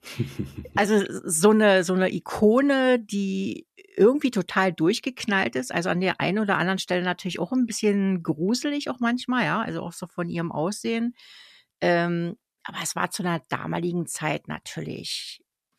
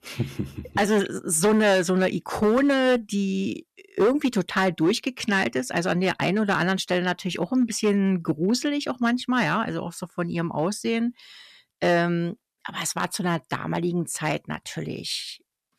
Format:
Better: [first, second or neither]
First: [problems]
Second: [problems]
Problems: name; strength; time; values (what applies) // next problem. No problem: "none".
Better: first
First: none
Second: distortion; slight; 4% of the sound clipped